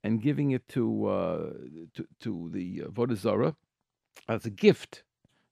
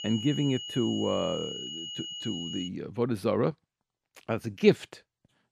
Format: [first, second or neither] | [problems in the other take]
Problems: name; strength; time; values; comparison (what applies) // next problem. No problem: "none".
first | high-pitched whine; loud; until 2.5 s; 3 kHz, 7 dB below the speech